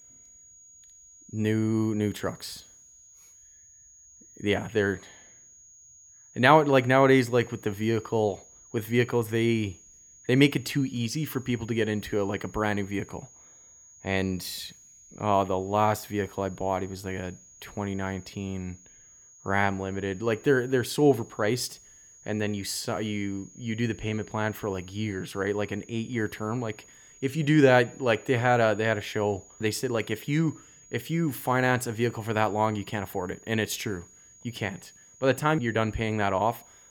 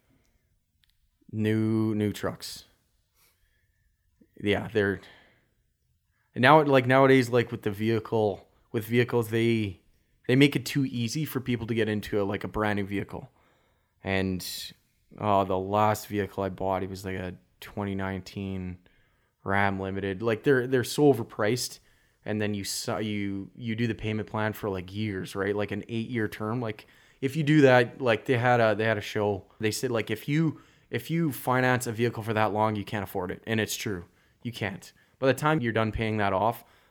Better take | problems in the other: second | high-pitched whine; faint; throughout; 6.5 kHz, 25 dB below the speech

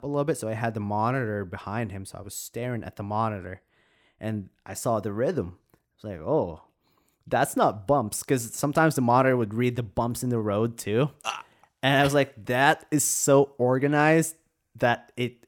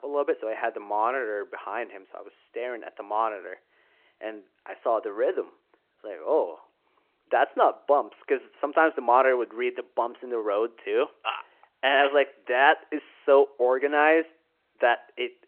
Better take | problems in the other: first | phone-call audio

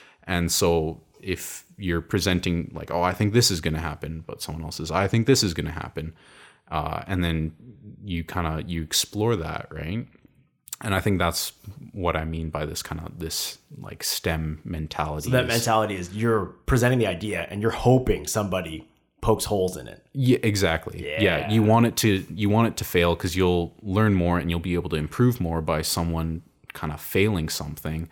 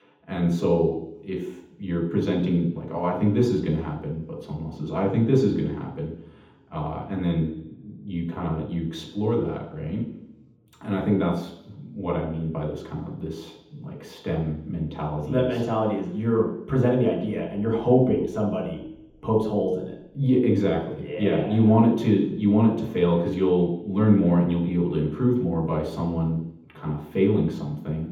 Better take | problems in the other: first | room echo; noticeable; dies away in 0.8 s // off-mic speech; far

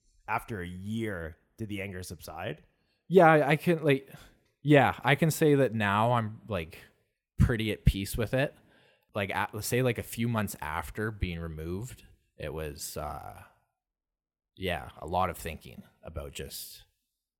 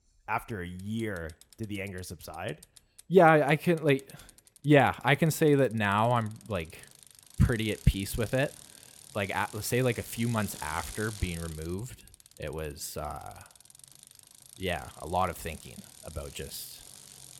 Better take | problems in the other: first | traffic noise; noticeable; throughout; 20 dB below the speech

